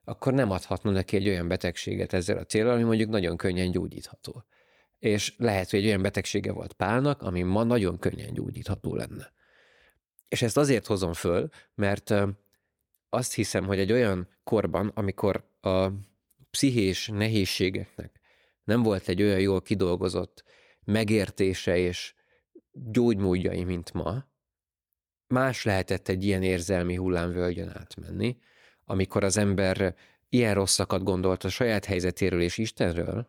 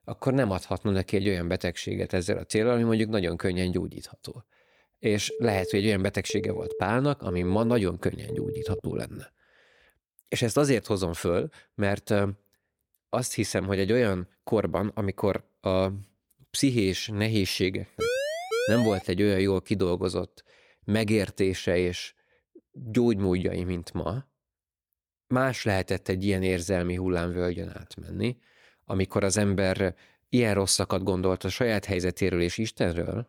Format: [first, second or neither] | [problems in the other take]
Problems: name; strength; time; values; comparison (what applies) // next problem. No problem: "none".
first | phone ringing; noticeable; from 5.5 to 9 s; peak 7 dB below the speech // siren; noticeable; from 18 to 19 s; peak 1 dB below the speech